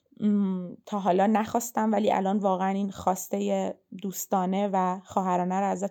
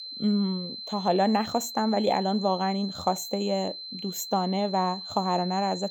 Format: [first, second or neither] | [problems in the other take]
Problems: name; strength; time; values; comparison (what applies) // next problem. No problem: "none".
first | high-pitched whine; loud; throughout; 4 kHz, 9 dB below the speech